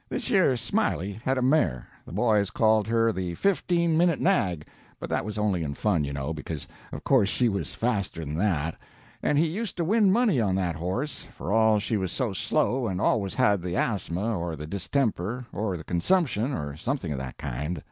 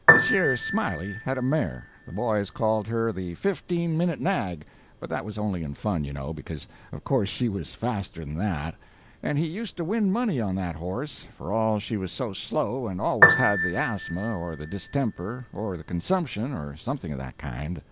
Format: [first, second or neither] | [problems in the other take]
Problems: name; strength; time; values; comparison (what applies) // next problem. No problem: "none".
first | background sound (Piano); 4 dB below the speech